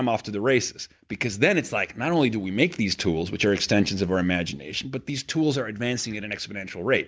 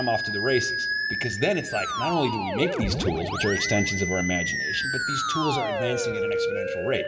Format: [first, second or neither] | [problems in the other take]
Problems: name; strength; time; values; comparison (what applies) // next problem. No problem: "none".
first | background sound (Musical instrument); as loud as the speech // room echo; dies away in 2.8 s